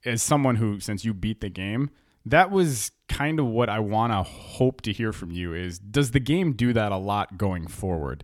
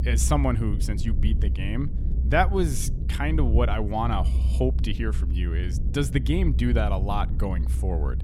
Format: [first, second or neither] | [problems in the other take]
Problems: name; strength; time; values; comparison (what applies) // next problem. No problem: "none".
first | low rumble; noticeable; throughout; 15 dB below the speech